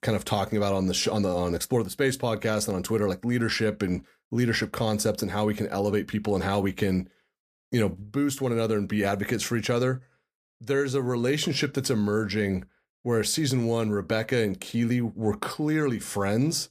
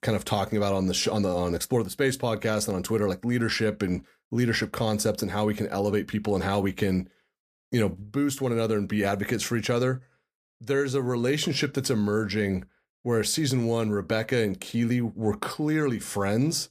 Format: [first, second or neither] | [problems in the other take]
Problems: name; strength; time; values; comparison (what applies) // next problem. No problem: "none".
neither | none